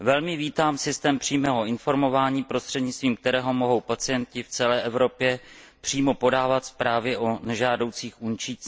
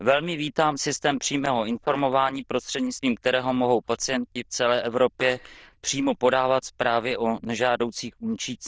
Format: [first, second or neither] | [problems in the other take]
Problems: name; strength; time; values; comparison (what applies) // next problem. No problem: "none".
first | noise reduction (neural diffusion model UNIVERSE++)